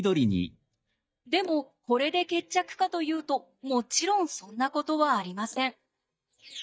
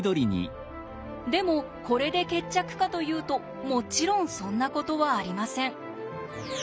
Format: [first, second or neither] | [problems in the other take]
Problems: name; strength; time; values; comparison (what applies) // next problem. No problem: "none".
second | noise reduction (neural mask model DeepFilterNet 3)